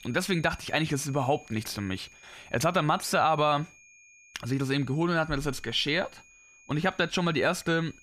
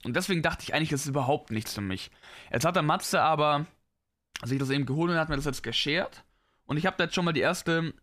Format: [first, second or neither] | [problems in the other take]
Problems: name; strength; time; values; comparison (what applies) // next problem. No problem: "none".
second | high-pitched whine; faint; throughout; 2.5 kHz, 25 dB below the speech